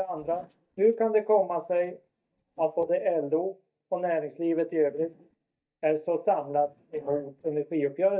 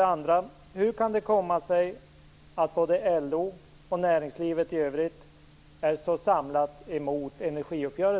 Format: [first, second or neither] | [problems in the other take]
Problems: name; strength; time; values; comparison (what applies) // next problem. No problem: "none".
second | noise reduction (neural mask model DeepFilterNet 3)